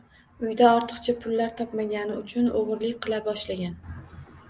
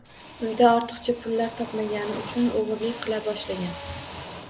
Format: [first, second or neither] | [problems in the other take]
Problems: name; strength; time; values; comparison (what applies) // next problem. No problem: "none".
first | background sound (Drill); 14 dB below the speech